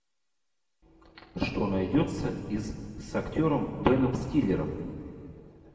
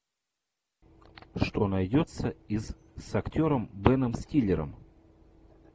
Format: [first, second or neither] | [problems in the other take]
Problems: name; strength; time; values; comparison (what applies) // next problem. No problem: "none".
second | room echo; dies away in 2 s